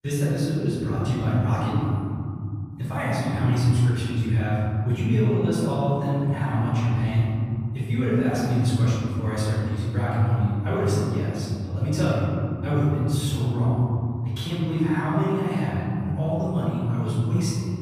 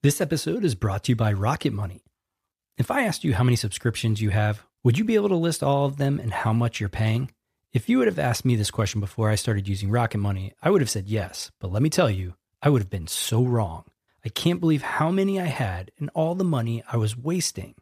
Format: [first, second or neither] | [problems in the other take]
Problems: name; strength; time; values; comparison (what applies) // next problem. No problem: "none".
second | off-mic speech; far // room echo; strong; dies away in 3 s